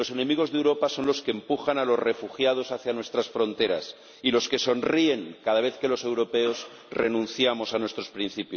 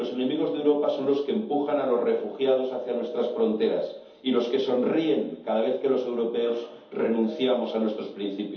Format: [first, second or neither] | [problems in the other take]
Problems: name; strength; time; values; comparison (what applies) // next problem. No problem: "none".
first | background sound (Telephone); 15 dB below the speech // room echo; dies away in 0.6 s